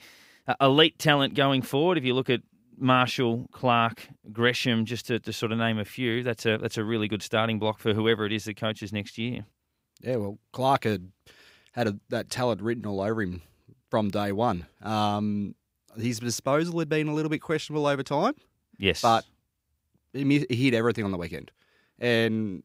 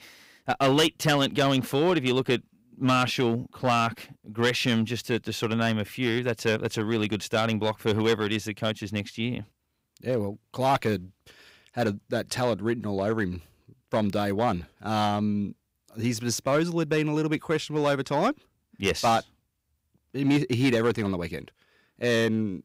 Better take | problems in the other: first | distortion; slight; 3% of the sound clipped

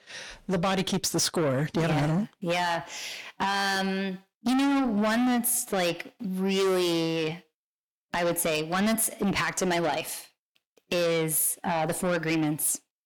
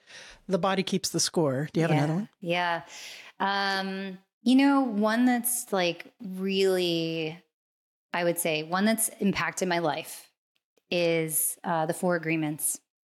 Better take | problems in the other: second | distortion; heavy; 7 dB below the speech

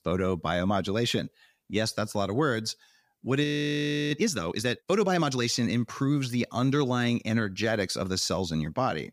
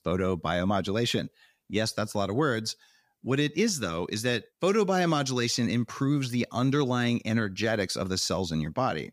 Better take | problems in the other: second | audio freezing; at 3.5 s for 0.5 s

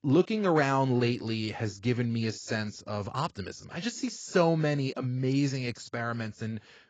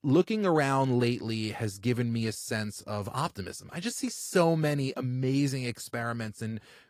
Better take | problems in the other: second | garbled, watery; badly; nothing above 7.5 kHz; slightly in the second

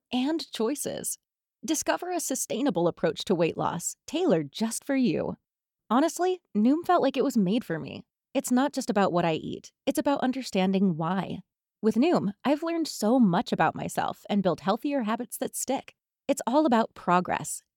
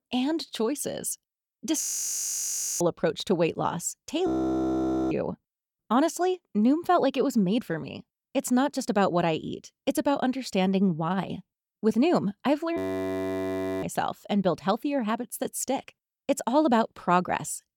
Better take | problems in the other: first | audio freezing; at 2 s for 1 s, at 4.5 s for 1 s and at 13 s for 1 s

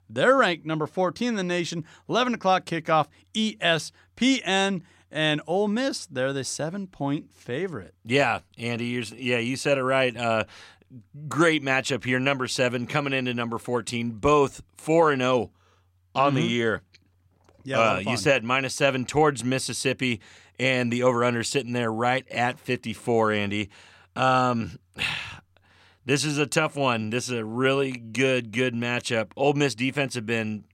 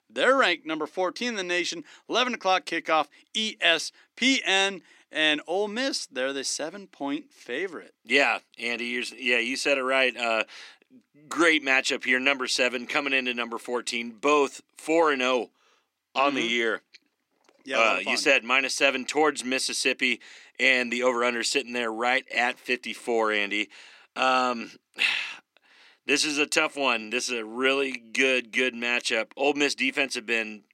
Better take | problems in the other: first | thin; very slightly; fading below 300 Hz

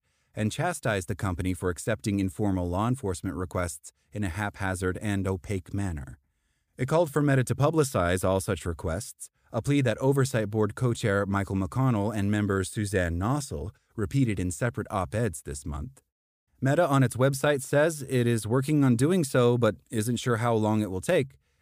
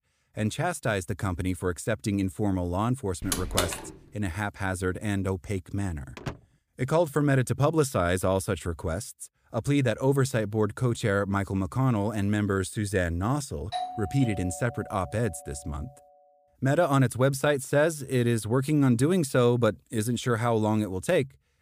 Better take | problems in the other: first | door banging; noticeable; at 3 s; peak 1 dB below the speech // door banging; faint; at 6 s; peak 10 dB below the speech // doorbell; noticeable; from 14 to 15 s; peak 7 dB below the speech

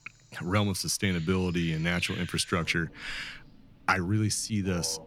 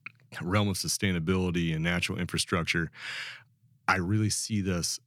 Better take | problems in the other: second | animal sounds; noticeable; throughout; 20 dB below the speech

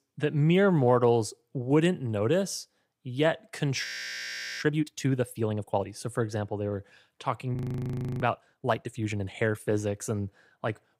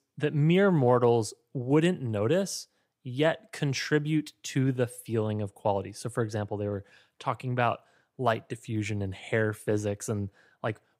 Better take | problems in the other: second | audio freezing; at 4 s for 1 s and at 7.5 s for 0.5 s

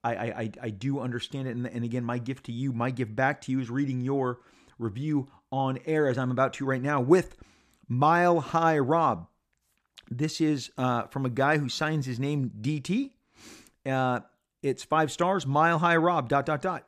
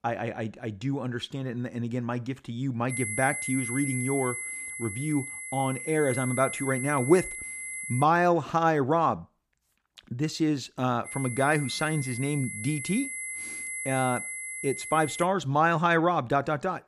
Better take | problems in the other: first | high-pitched whine; loud; from 3 to 8 s and from 11 to 15 s; 2 kHz, 6 dB below the speech

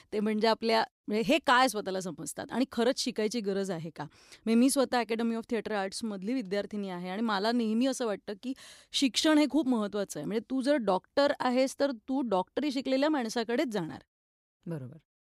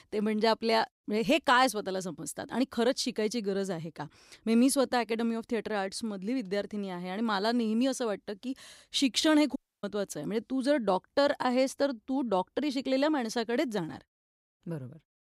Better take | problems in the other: first | audio cutting out; at 9.5 s

